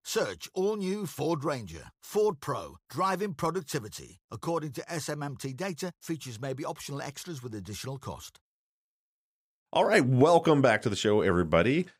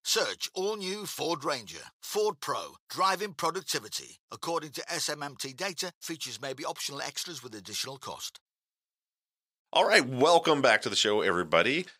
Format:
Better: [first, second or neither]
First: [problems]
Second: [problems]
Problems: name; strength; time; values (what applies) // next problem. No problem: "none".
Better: first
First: none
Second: thin; somewhat; fading below 750 Hz